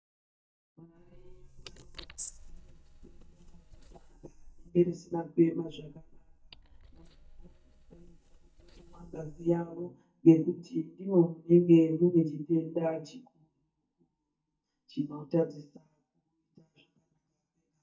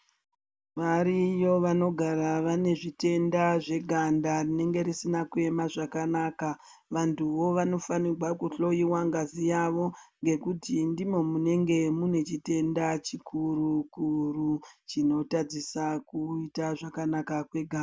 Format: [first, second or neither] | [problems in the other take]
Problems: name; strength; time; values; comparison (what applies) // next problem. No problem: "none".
second | noise reduction (neural mask model DeepFilterNet 3)